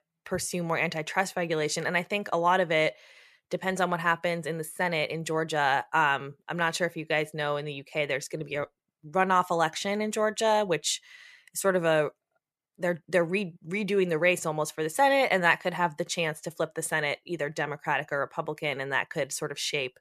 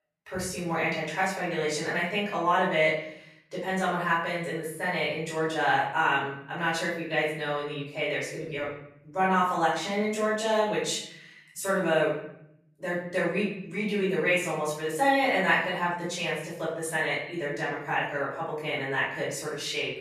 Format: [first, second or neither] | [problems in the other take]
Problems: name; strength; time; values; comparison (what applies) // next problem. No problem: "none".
first | off-mic speech; far // room echo; noticeable; dies away in 0.6 s